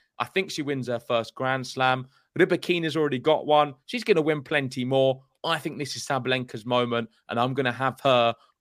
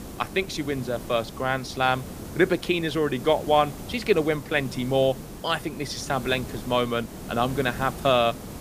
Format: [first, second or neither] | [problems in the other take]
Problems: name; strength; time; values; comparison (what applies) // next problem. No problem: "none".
first | hiss; noticeable; throughout; 15 dB below the speech